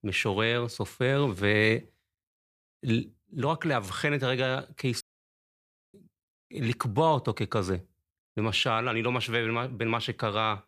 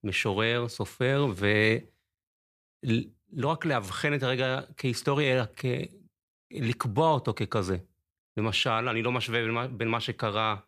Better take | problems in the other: second | audio cutting out; at 5 s for 1 s

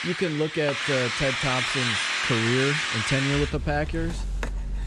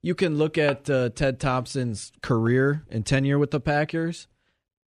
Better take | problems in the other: second | machinery noise; very loud; throughout; 1 dB above the speech

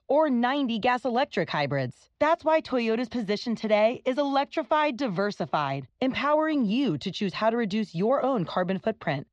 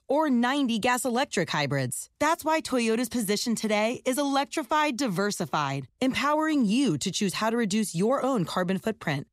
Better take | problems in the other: second | muffled; slightly; fading above 4.5 kHz

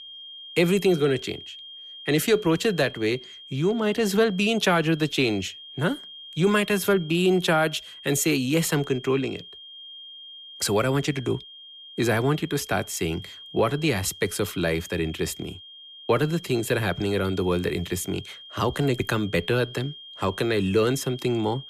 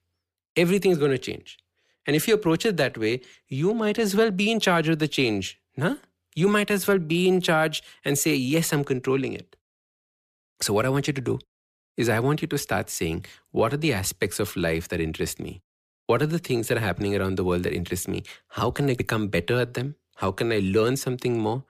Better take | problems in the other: second | high-pitched whine; noticeable; throughout; 3 kHz, 15 dB below the speech

